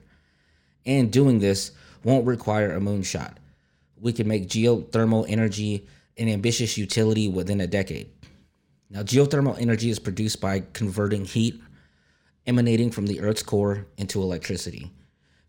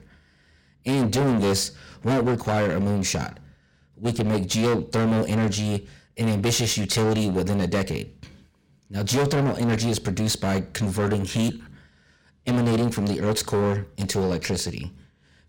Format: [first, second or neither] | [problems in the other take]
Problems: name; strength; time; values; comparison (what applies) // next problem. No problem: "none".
first | distortion; heavy; 16% of the sound clipped